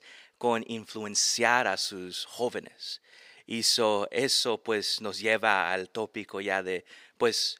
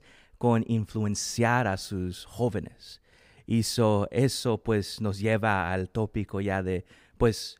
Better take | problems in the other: second | thin; somewhat; fading below 400 Hz

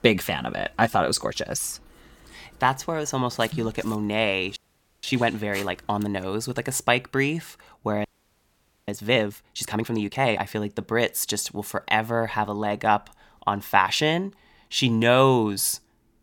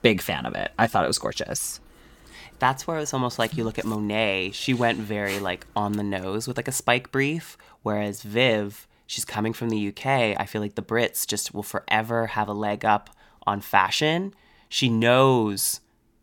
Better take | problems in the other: second | audio freezing; at 4.5 s and at 8 s for 1 s

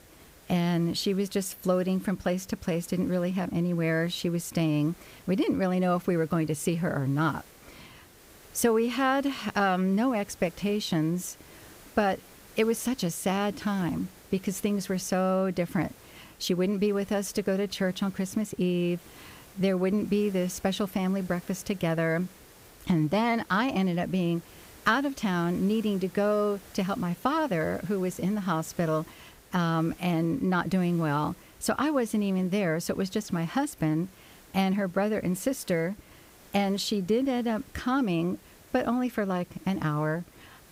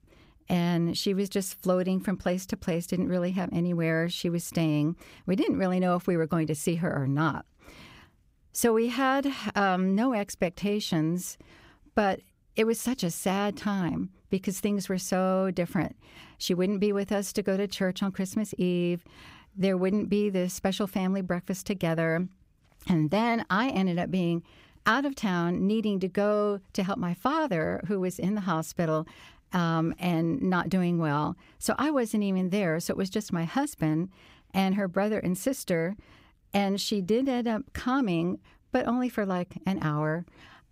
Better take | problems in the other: second | hiss; faint; throughout; 25 dB below the speech

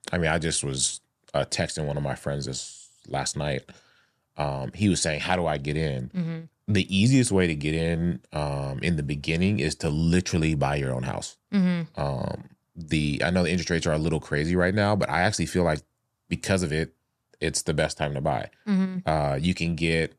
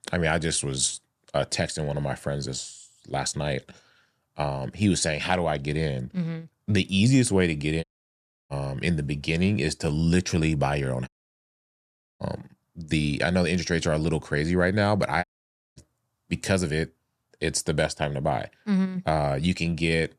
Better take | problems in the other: first | audio cutting out; at 8 s for 0.5 s, at 11 s for 1 s and at 15 s for 0.5 s

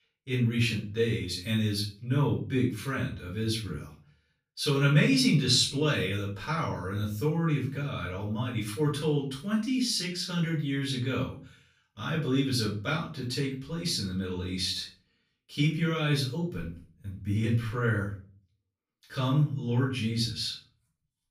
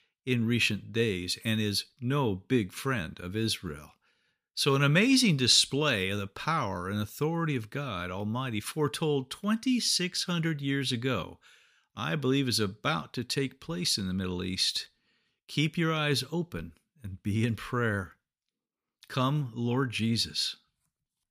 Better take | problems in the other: second | off-mic speech; far // room echo; slight; dies away in 0.4 s

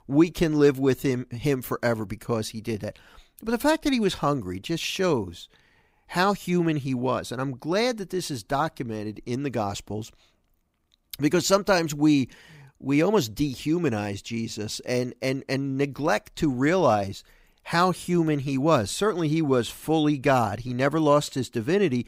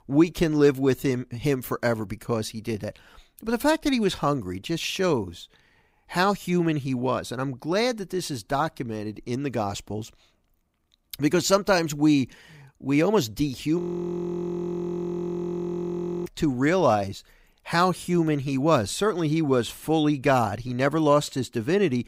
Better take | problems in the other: first | audio freezing; at 14 s for 2.5 s

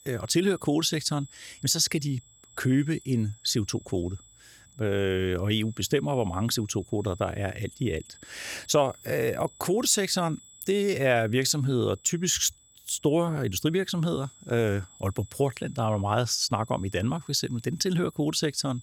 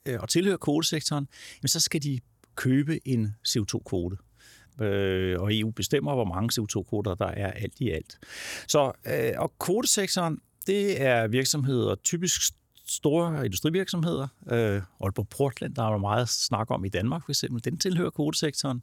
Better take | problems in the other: second | high-pitched whine; faint; throughout; 7.5 kHz, 25 dB below the speech

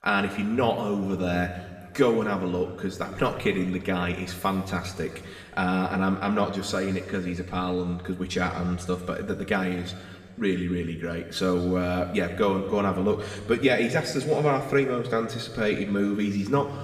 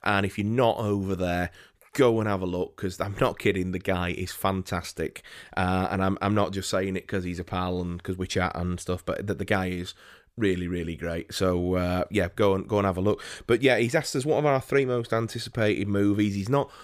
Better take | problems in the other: second | room echo; slight; dies away in 1.9 s // off-mic speech; somewhat distant

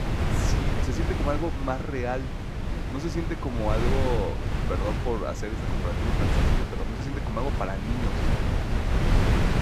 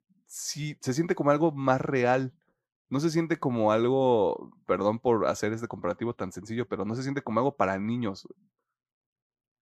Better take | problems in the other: second | wind noise on the microphone; heavy; as loud as the speech

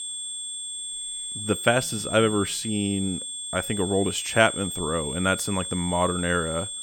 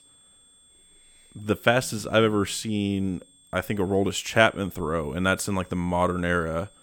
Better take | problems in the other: second | high-pitched whine; loud; throughout; 8.5 kHz, 5 dB below the speech; faint in the second

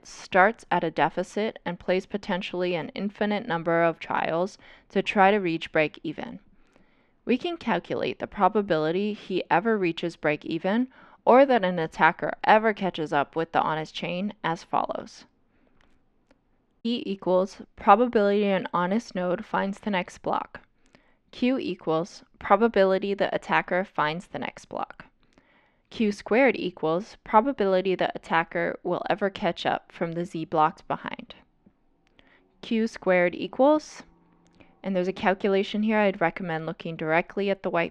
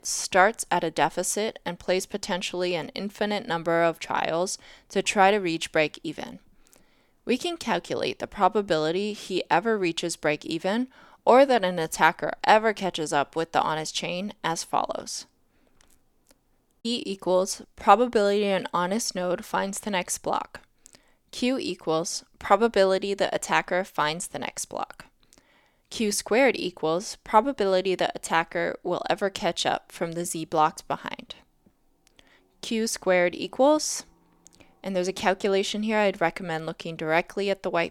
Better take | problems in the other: second | muffled; slightly; fading above 2.5 kHz

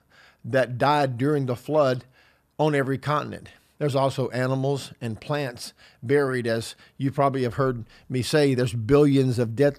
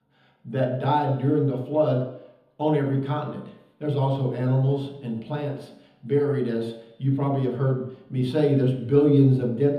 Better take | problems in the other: first | room echo; noticeable; dies away in 1 s // off-mic speech; far

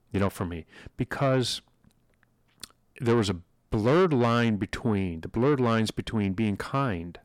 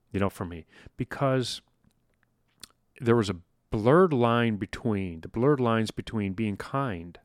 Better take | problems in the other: second | distortion; slight; 10 dB below the speech

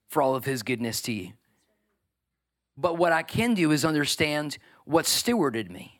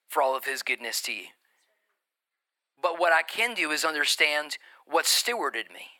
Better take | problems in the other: first | thin; very; fading below 550 Hz

